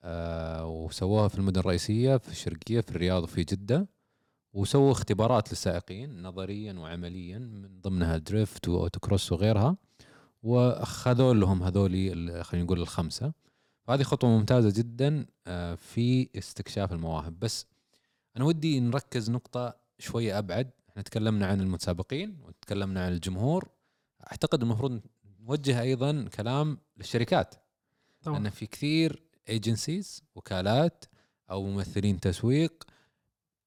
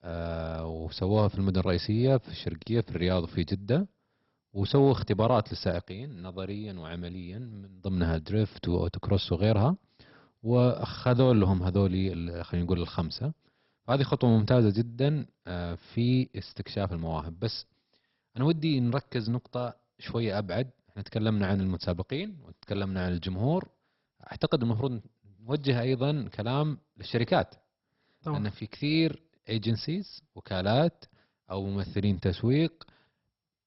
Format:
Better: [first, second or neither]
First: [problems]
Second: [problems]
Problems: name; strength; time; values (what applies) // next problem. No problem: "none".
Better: first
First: none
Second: garbled, watery; badly; nothing above 5.5 kHz